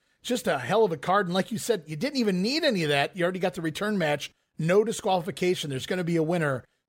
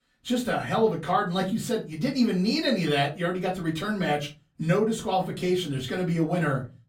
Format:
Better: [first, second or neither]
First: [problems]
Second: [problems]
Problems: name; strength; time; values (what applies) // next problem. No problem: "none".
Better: first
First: none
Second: off-mic speech; far // room echo; very slight; dies away in 0.3 s